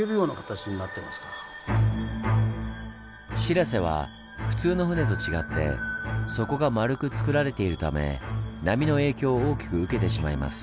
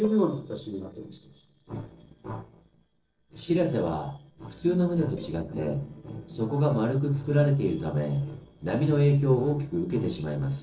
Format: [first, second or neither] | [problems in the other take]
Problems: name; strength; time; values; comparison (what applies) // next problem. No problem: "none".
first | noise reduction (neural separator model SepFormer DNS4)